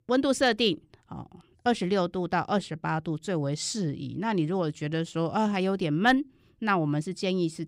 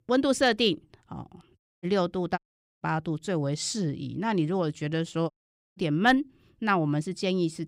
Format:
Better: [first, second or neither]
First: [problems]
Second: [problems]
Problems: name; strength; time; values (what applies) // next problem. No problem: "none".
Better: first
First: none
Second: audio cutting out; at 1.5 s, at 2.5 s and at 5.5 s